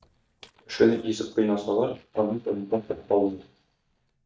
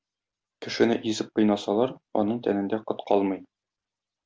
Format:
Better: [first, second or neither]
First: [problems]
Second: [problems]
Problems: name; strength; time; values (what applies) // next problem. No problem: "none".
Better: second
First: noise reduction (neural mask model DeepFilterNet 3)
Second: none